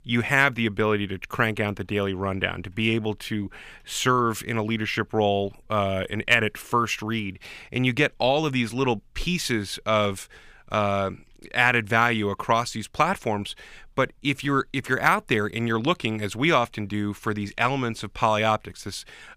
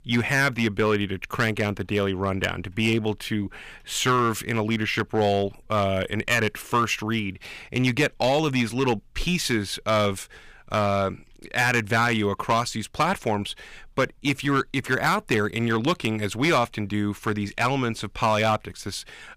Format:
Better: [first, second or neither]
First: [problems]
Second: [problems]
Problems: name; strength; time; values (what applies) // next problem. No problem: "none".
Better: first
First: none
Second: distortion; slight; 4% of the sound clipped